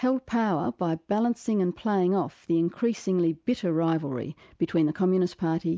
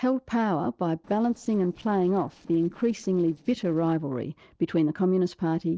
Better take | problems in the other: first | noise reduction (neural separator model SepFormer DNS4)

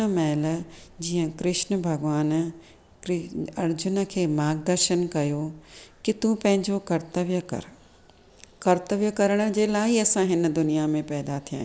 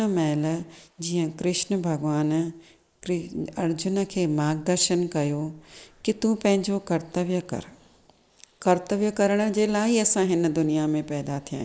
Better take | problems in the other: first | noise reduction (neural mask model Resemble Enhance denoiser)

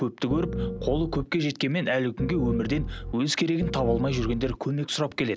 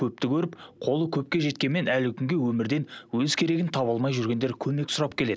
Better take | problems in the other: second | background sound (Piano); 4 dB below the speech

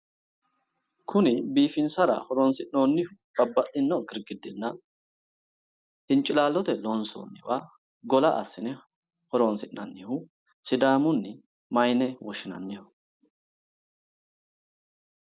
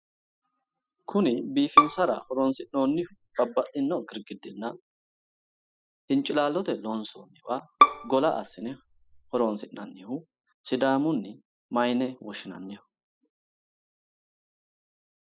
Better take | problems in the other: first | noise reduction (classical method spectral subtraction)

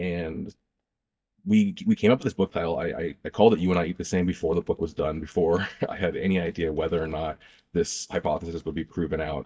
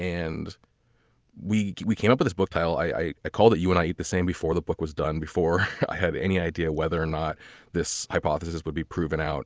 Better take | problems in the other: second | noise reduction (neural mask model DeepFilterNet 3)

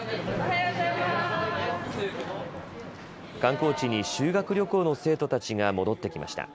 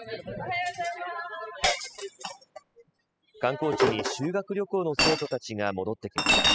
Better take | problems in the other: first | noise reduction (classical method spectral subtraction)

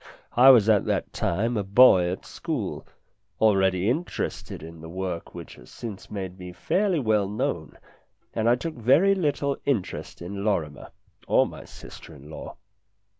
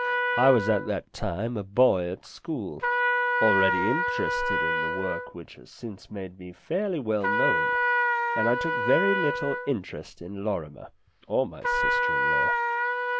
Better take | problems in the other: first | background sound (Trumpet); 1 dB above the speech

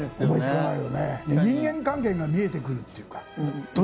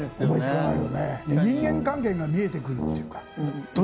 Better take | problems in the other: first | background sound (Brass instrument); 7 dB below the speech

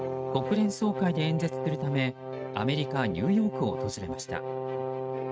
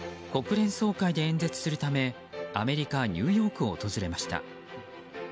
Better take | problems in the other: second | noise reduction (neural mask model RNNoise)

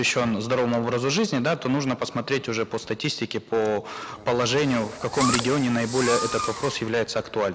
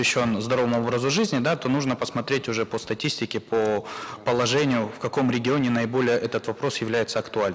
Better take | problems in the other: second | background sound (Fireworks); 7 dB below the speech

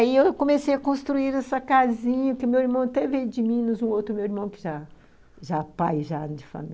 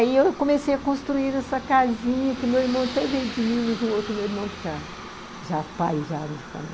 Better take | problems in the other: first | background sound (Aircraft); 13 dB below the speech

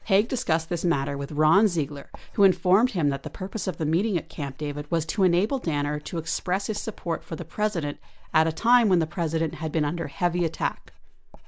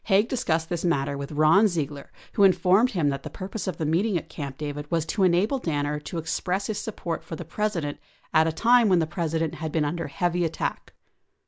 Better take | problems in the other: second | background sound (Writing); 17 dB below the speech

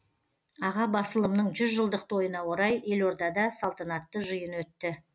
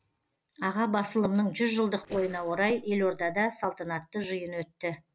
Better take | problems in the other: first | noise reduction (neural separator model SepFormer DNS4)

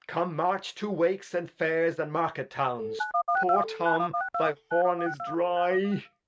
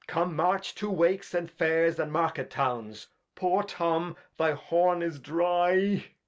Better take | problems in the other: second | noise reduction (neural mask model RNNoise)

